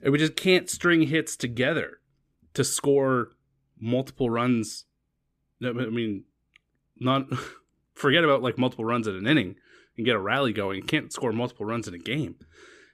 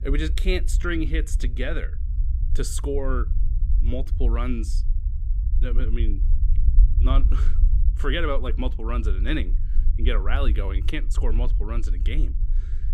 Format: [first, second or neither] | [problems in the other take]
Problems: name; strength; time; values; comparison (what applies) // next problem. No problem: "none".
first | low rumble; noticeable; throughout; 15 dB below the speech